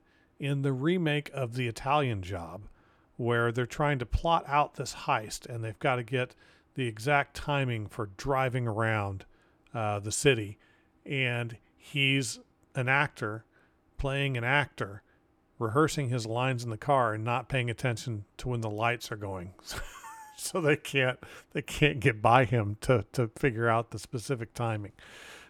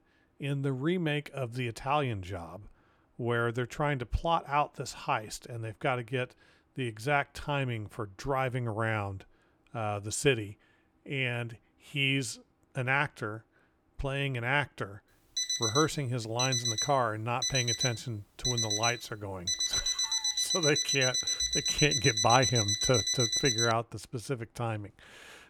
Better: first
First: none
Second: alarm; loud; from 15 to 24 s; peak 5 dB above the speech

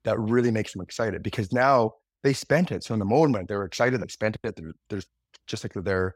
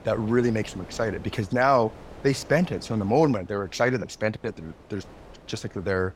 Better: first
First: none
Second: wind noise on the microphone; occasional gusts; 20 dB below the speech

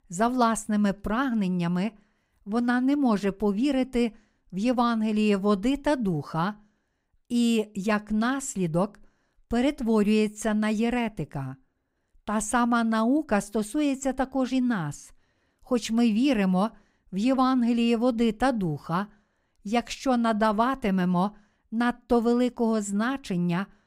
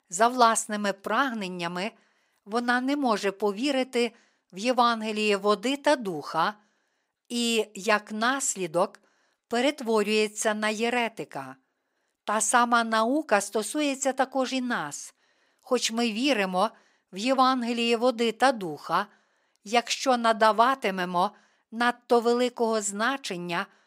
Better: first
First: none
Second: thin; somewhat; fading below 450 Hz

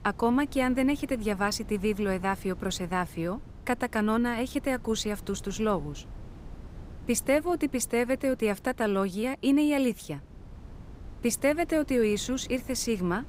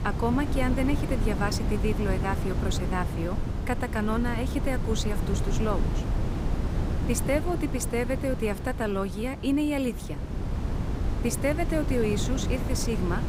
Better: first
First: wind noise on the microphone; occasional gusts; 25 dB below the speech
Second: wind noise on the microphone; heavy; 7 dB below the speech

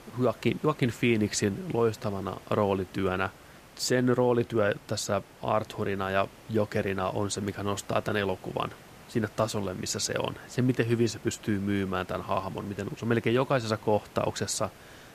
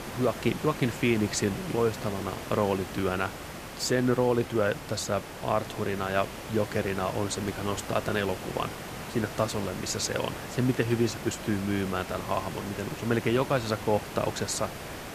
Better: first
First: hiss; faint; throughout; 20 dB below the speech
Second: hiss; loud; throughout; 9 dB below the speech

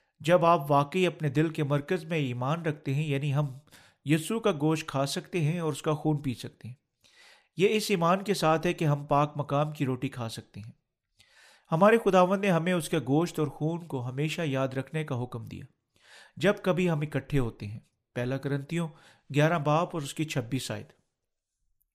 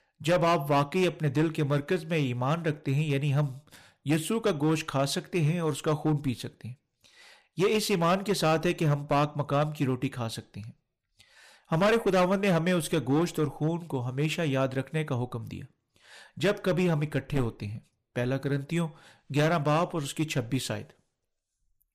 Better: first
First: none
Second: distortion; slight; 5% of the sound clipped

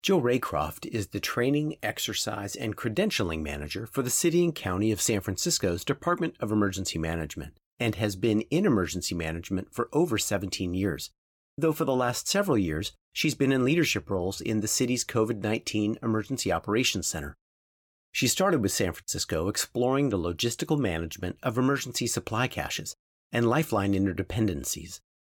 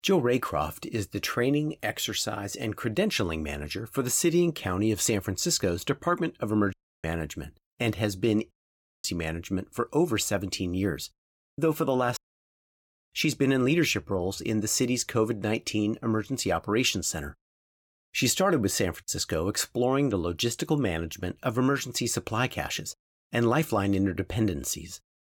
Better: first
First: none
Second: audio cutting out; at 6.5 s, at 8.5 s for 0.5 s and at 12 s for 1 s

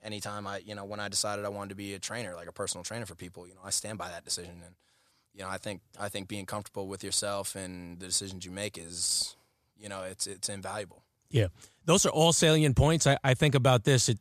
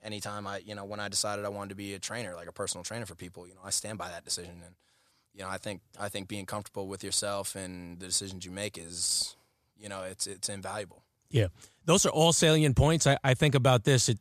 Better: neither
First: none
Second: none

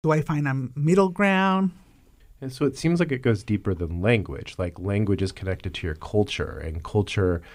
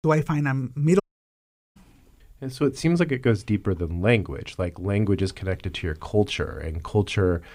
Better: first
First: none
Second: audio cutting out; at 1 s for 1 s

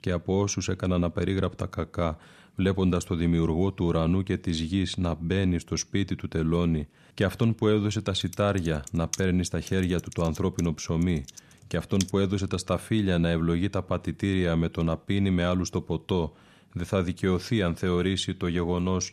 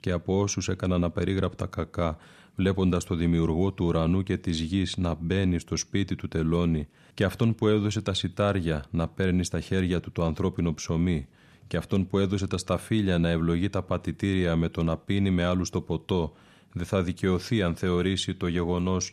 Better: second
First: keyboard typing; noticeable; from 8 to 12 s; peak 8 dB below the speech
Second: none

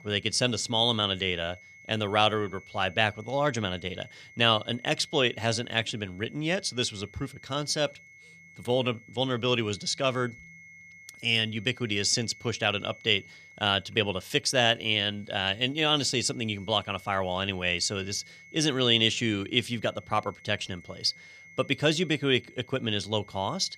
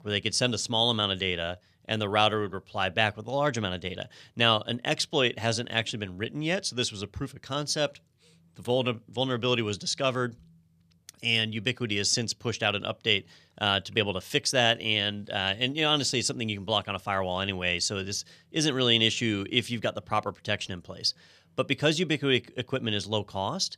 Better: second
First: high-pitched whine; faint; throughout; 2 kHz, 25 dB below the speech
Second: none

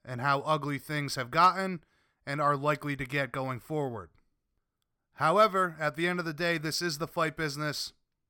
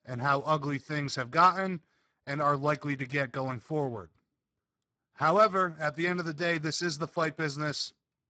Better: first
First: none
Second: garbled, watery; badly; nothing above 7.5 kHz

